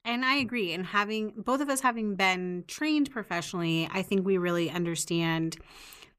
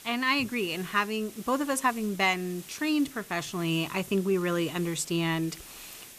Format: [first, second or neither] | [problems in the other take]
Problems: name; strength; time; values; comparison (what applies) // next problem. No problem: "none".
first | hiss; noticeable; throughout; 15 dB below the speech